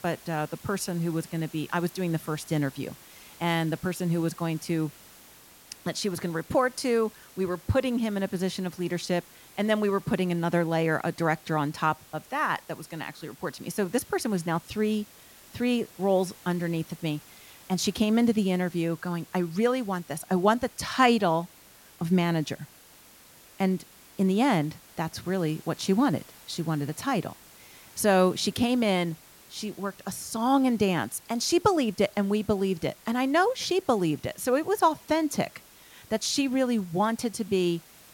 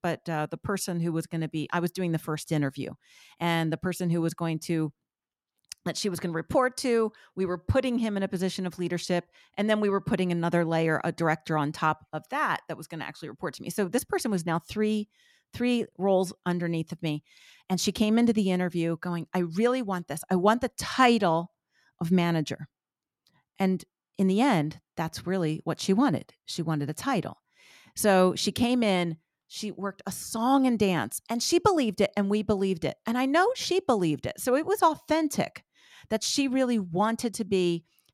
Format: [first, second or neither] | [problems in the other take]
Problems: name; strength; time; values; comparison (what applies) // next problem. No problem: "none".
second | hiss; faint; throughout; 20 dB below the speech